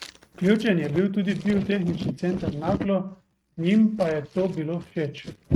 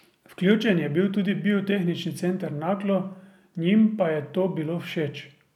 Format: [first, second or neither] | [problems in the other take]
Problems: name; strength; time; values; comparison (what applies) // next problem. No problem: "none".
second | noise reduction (neural mask model RNNoise)